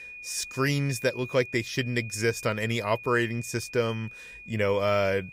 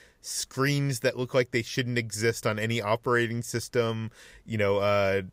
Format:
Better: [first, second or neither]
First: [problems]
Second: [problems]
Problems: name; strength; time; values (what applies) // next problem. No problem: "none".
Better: second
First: high-pitched whine; noticeable; throughout; 2.5 kHz, 15 dB below the speech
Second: none